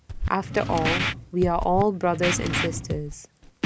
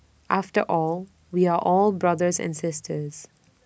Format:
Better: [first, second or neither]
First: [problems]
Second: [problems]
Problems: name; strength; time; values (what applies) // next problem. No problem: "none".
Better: second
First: background sound (Drawer open or close + Scratching (performance technique)); 3 dB below the speech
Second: none